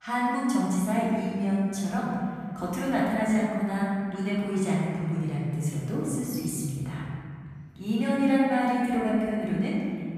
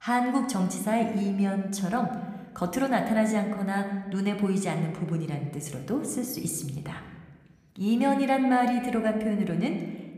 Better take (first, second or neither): second